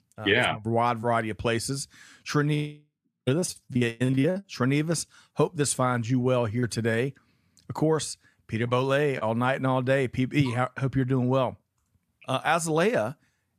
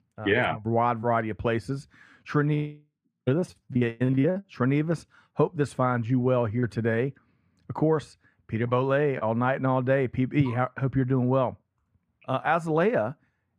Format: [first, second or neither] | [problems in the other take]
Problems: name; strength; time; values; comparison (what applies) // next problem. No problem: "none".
first | muffled; very; fading above 3.5 kHz